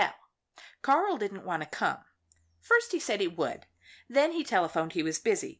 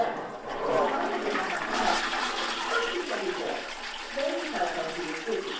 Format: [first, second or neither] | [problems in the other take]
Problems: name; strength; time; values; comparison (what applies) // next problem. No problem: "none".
first | background sound (Toilet flush); 3 dB above the speech // room echo; dies away in 0.7 s